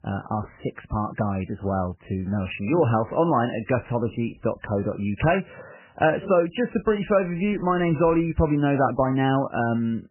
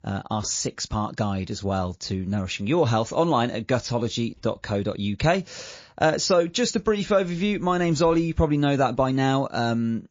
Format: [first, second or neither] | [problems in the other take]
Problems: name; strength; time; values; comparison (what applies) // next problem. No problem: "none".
second | garbled, watery; badly; nothing above 3 kHz; slightly in the second